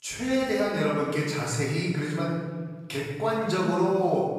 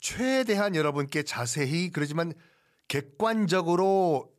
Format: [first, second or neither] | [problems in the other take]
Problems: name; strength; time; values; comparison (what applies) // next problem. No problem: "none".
second | off-mic speech; far // room echo; noticeable; dies away in 1.5 s